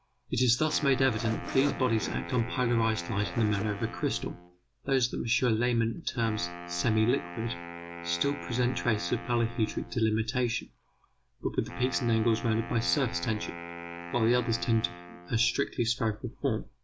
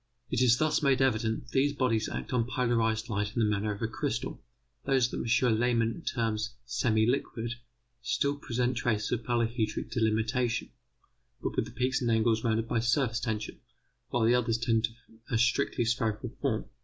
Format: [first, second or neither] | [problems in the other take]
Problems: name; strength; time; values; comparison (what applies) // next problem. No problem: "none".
second | background sound (Wind instrument, woodwind instrument + Zipper (clothing)); 12 dB below the speech